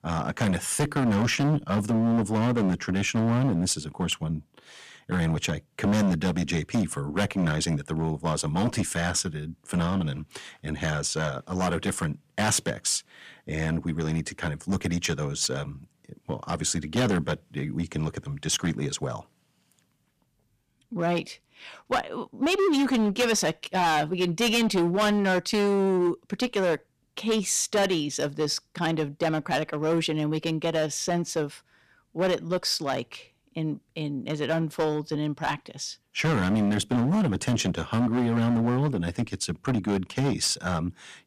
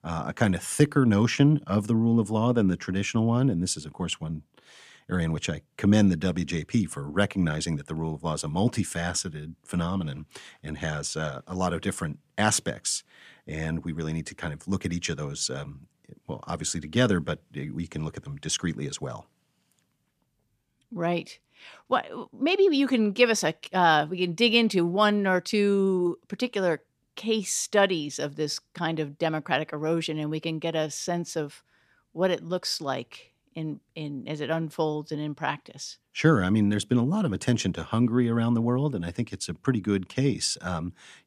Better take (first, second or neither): second